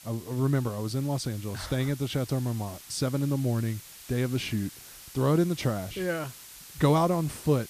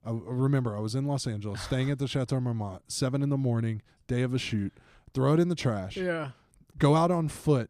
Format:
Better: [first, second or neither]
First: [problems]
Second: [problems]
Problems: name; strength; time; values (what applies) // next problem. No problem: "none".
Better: second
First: hiss; noticeable; throughout; 15 dB below the speech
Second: none